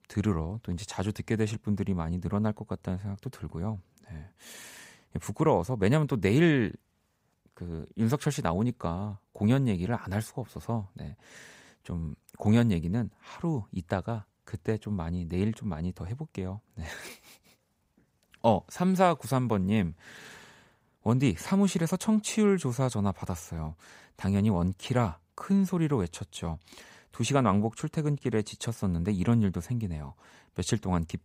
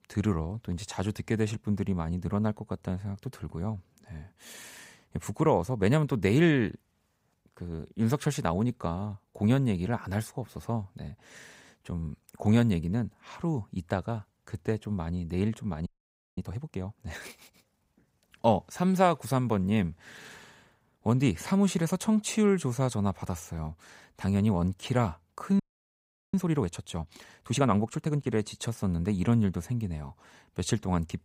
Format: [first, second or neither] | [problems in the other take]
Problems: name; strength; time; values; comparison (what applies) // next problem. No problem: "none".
first | audio freezing; at 16 s for 0.5 s and at 26 s for 0.5 s